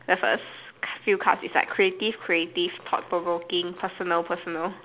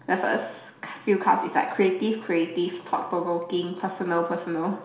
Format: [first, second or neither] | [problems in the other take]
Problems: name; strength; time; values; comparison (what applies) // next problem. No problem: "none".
first | room echo; dies away in 0.7 s